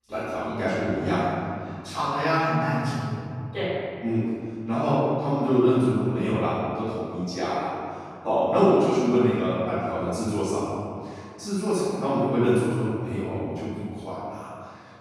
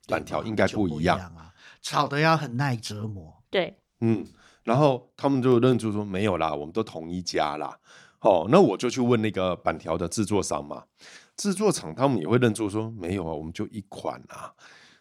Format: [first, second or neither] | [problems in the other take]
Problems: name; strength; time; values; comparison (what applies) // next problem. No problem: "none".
second | room echo; strong; dies away in 2.2 s // off-mic speech; far